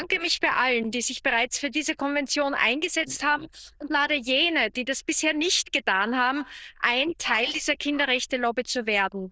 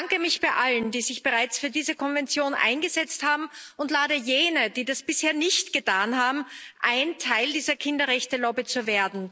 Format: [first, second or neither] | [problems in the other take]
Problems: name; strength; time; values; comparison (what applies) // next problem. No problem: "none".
second | noise reduction (neural diffusion model UNIVERSE++)